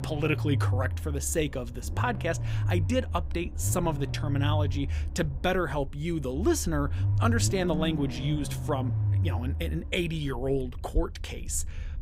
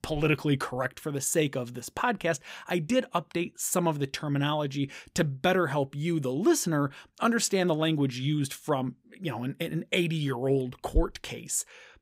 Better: second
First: low rumble; noticeable; throughout; 15 dB below the speech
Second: none

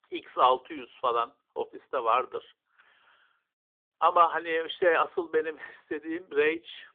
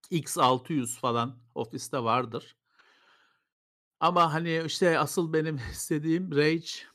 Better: second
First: phone-call audio; nothing above 3.5 kHz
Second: none

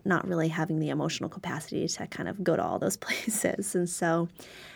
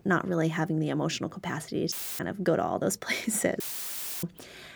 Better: first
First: none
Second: audio cutting out; filled with static; at 2 s and at 3.5 s for 0.5 s

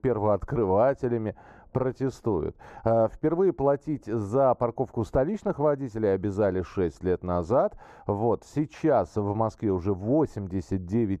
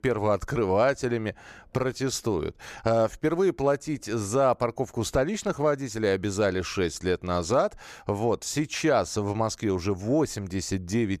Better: second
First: muffled; very; fading above 1.5 kHz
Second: none

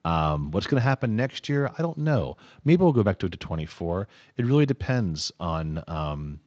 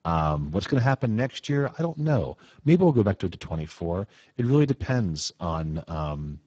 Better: first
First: garbled, watery; slightly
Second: garbled, watery; badly; nothing above 7.5 kHz

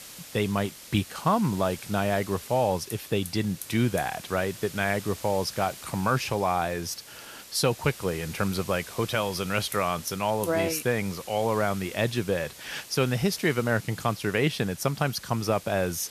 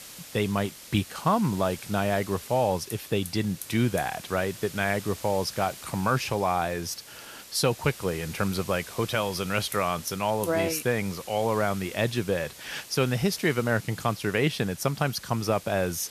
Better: neither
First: hiss; noticeable; throughout; 15 dB below the speech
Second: hiss; noticeable; throughout; 15 dB below the speech

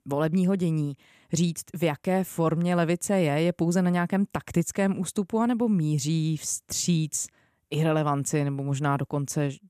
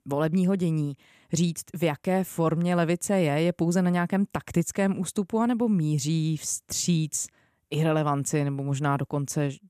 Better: neither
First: none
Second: none

